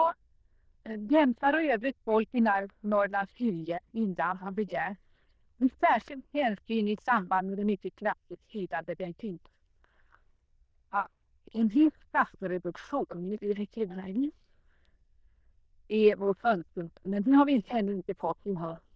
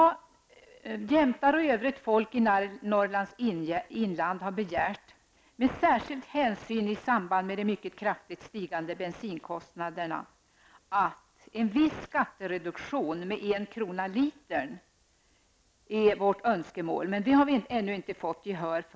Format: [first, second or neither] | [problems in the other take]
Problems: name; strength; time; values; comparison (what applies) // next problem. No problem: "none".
second | noise reduction (neural diffusion model UNIVERSE++)